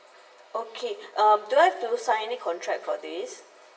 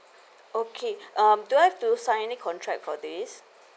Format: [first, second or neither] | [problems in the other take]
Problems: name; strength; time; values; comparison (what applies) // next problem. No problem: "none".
second | room echo; dies away in 0.9 s